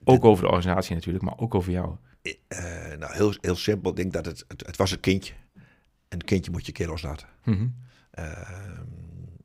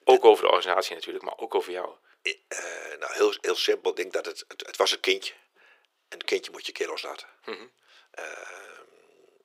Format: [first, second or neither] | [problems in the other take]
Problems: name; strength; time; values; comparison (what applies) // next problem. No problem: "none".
first | thin; very; fading below 400 Hz